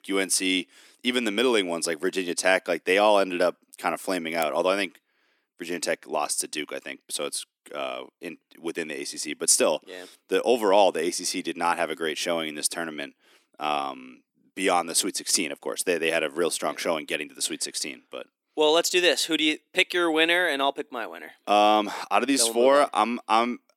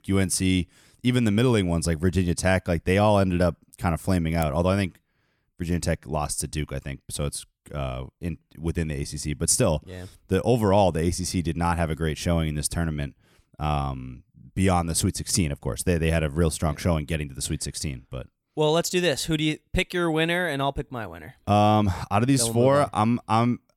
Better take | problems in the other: second | thin; somewhat; fading below 300 Hz

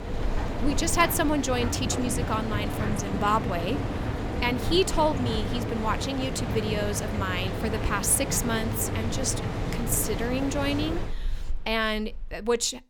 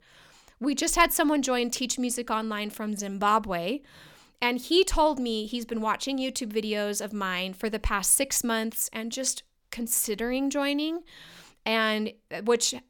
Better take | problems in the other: second | machinery noise; loud; throughout; 3 dB below the speech

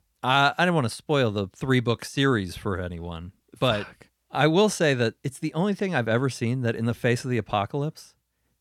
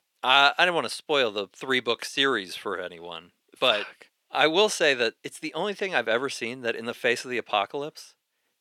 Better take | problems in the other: first | thin; somewhat; fading below 450 Hz

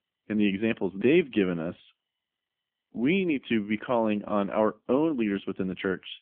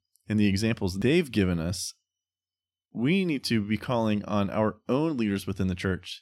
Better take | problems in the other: second | phone-call audio; nothing above 3.5 kHz

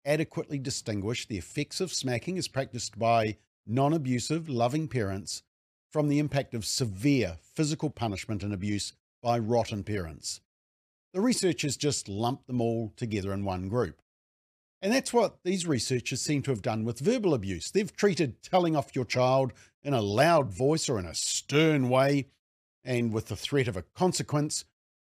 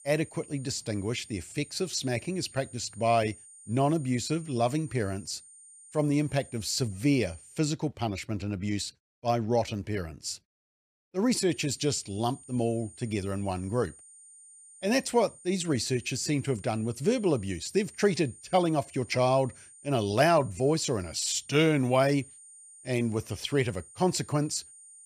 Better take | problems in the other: first | high-pitched whine; faint; until 7.5 s and from 12 s on; 9 kHz, 20 dB below the speech

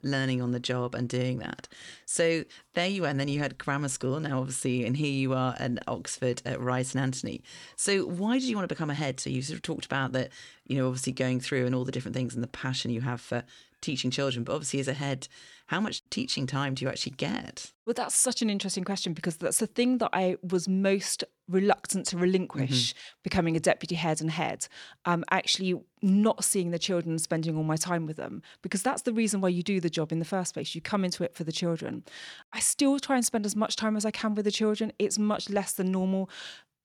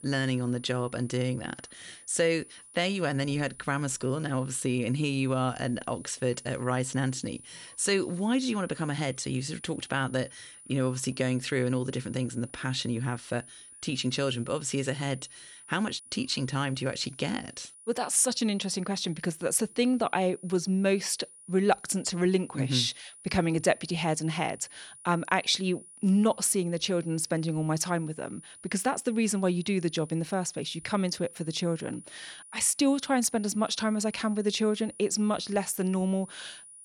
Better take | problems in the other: first | high-pitched whine; noticeable; throughout; 9.5 kHz, 20 dB below the speech

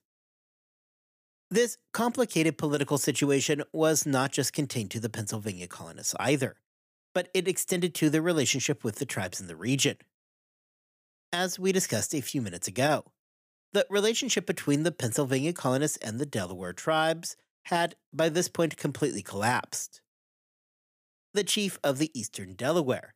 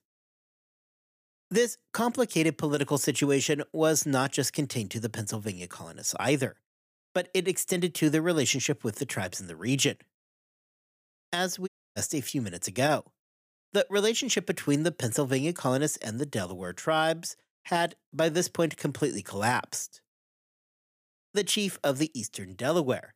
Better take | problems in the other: first | audio cutting out; at 12 s

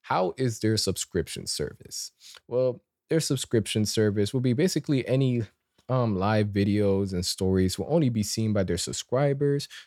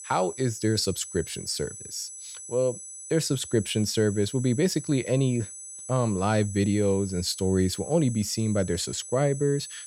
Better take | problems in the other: first | high-pitched whine; noticeable; throughout; 8 kHz, 10 dB below the speech

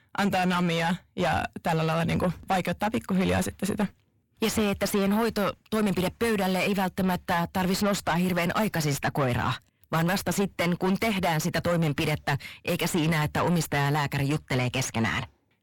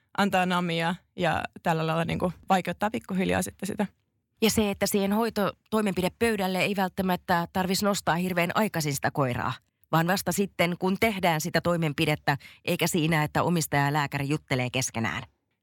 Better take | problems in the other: second | distortion; heavy; 7 dB below the speech

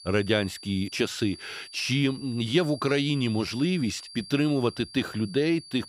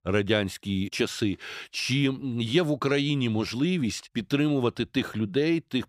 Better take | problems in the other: second | high-pitched whine; noticeable; throughout; 4.5 kHz, 15 dB below the speech

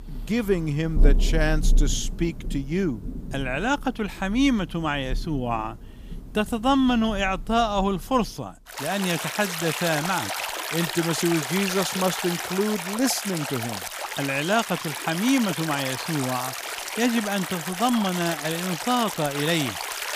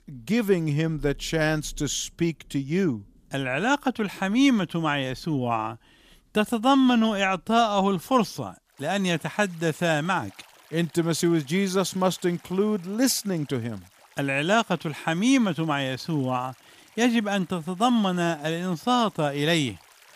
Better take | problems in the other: second | rain or running water; loud; throughout; 4 dB below the speech; faint in the second

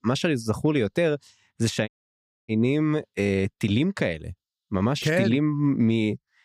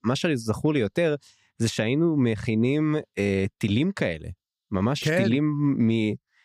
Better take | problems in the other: second | audio cutting out; at 2 s for 0.5 s

